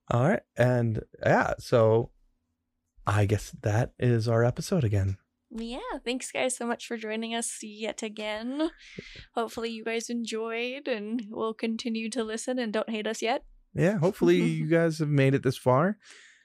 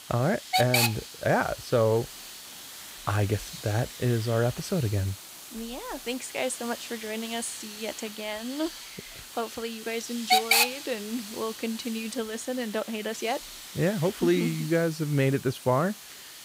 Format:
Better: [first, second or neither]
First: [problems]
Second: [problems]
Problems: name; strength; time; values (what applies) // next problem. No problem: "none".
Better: first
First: none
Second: hiss; loud; throughout; 4 dB below the speech